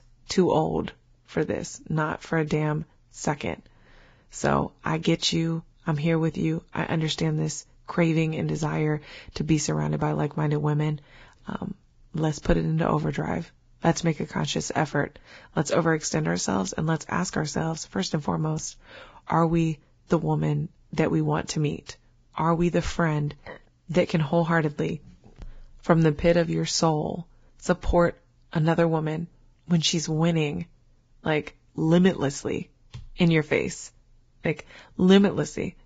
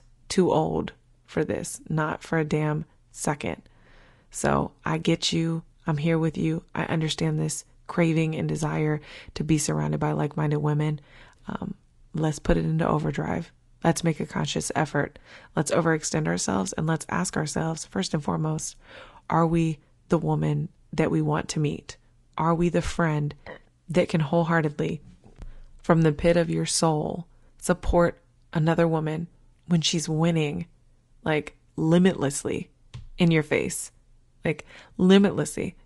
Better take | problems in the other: second | garbled, watery; badly; nothing above 7.5 kHz; slightly in the second

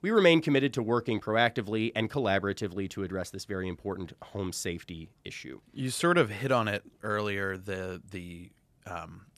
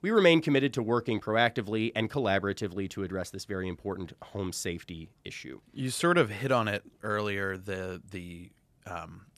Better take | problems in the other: neither | none

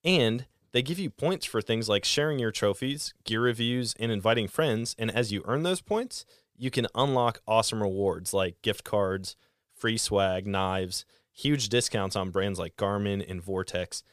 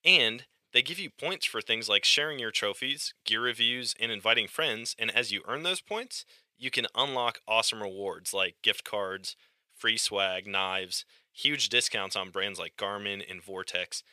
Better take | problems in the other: first | thin; somewhat; fading below 750 Hz

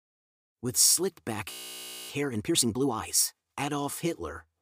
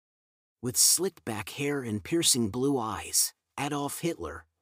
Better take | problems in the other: second | audio freezing; at 1.5 s for 0.5 s

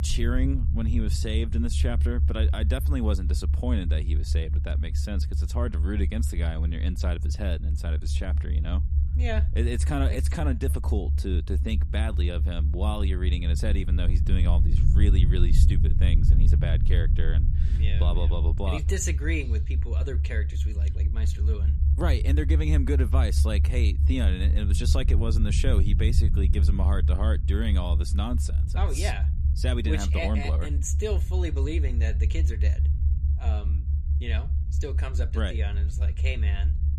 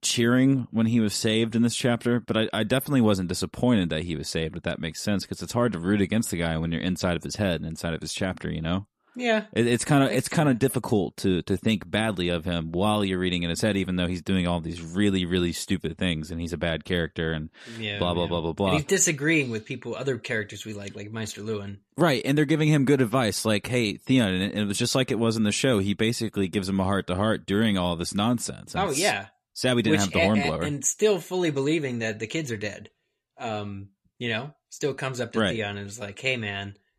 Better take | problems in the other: second | low rumble; loud; throughout; 7 dB below the speech

